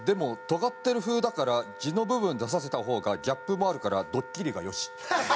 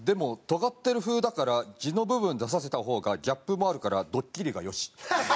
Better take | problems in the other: second | background sound (Wind instrument, woodwind instrument); 15 dB below the speech

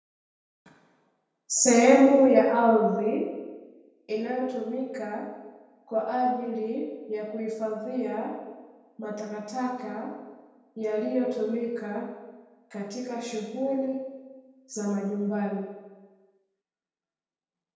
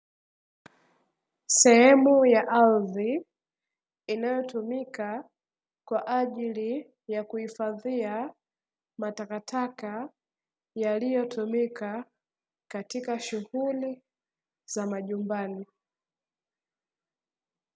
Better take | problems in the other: second | room echo; dies away in 1.1 s

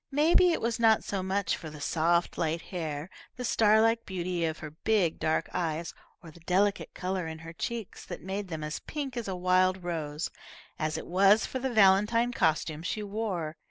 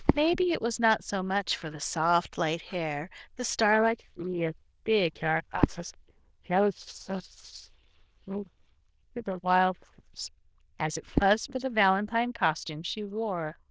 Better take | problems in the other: first | noise reduction (neural diffusion model UNIVERSE++)

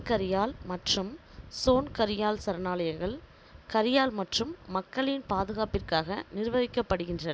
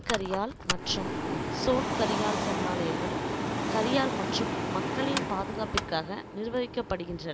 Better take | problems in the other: first | background sound (Mechanical fan); 1 dB above the speech

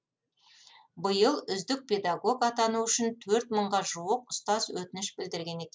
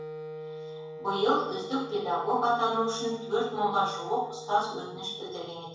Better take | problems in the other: first | background sound (Wind instrument, woodwind instrument); 11 dB below the speech // room echo; dies away in 0.7 s

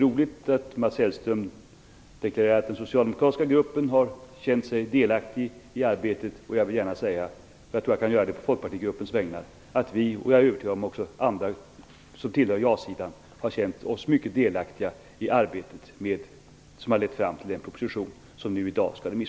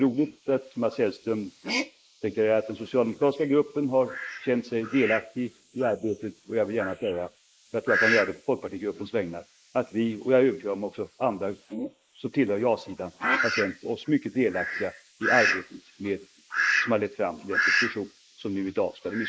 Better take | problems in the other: first | noise reduction (neural mask model Resemble Enhance denoiser)

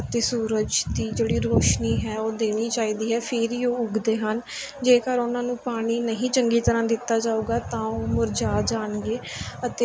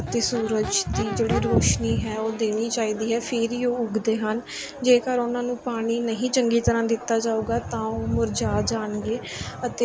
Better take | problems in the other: first | background sound (Crowd / Race car, auto racing / Accelerating, revving, vroom); 15 dB below the speech

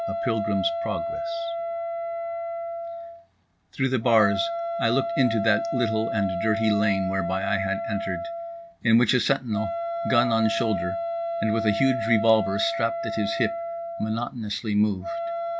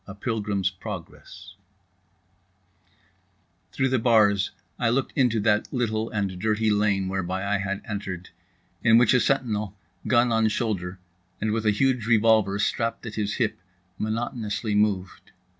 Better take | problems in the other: second | background sound (Wind instrument, woodwind instrument); 3 dB below the speech

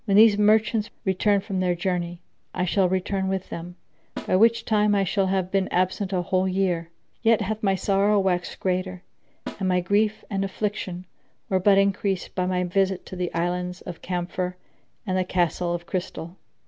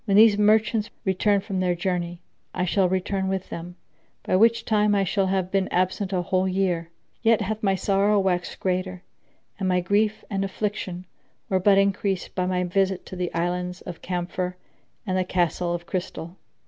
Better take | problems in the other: second | background sound (Snare drum); 17 dB below the speech

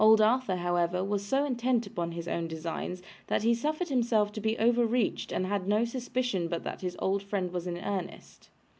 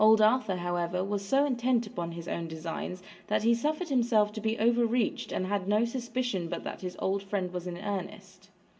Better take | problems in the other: first | room echo; dies away in 0.3 s

